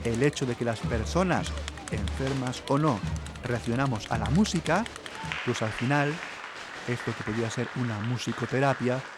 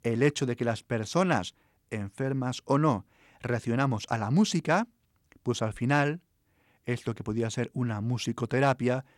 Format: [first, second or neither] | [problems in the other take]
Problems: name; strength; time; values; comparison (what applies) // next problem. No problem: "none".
second | crowd noise; loud; throughout; 7 dB below the speech